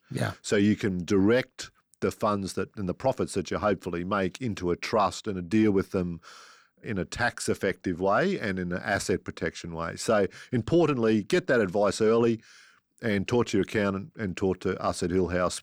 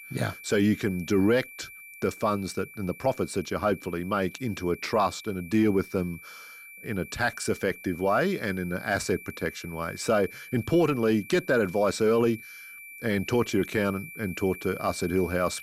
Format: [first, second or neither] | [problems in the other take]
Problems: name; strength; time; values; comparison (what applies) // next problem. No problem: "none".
first | high-pitched whine; noticeable; throughout; 2.5 kHz, 15 dB below the speech